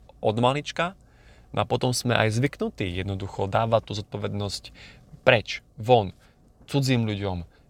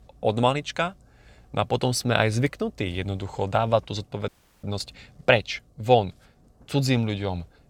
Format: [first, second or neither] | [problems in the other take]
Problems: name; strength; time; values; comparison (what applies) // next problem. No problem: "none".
first | audio freezing; at 4.5 s